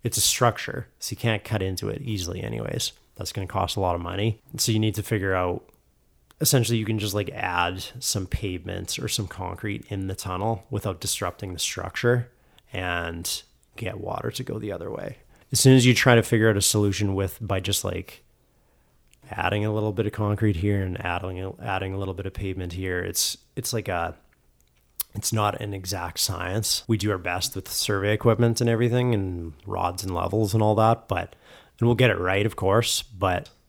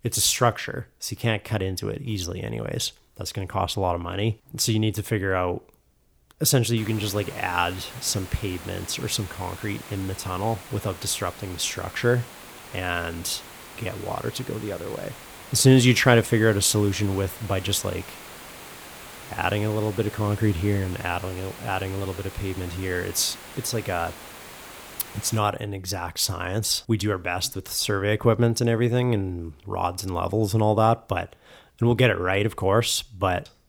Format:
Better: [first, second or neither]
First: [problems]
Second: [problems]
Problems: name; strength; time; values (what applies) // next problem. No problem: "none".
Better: first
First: none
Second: hiss; noticeable; from 7 to 25 s; 15 dB below the speech